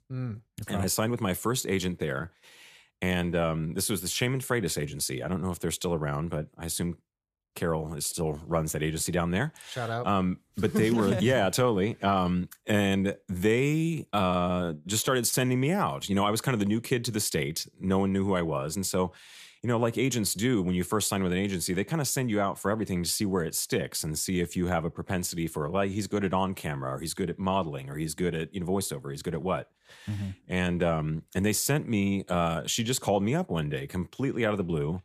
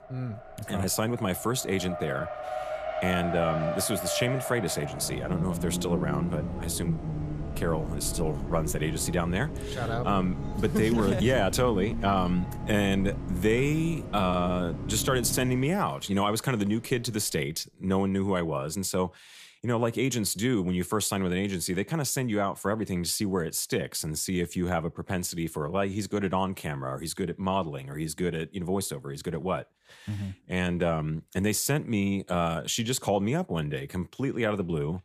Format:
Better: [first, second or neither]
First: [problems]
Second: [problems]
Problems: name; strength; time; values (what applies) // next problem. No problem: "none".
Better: first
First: none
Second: traffic noise; loud; until 17 s; 6 dB below the speech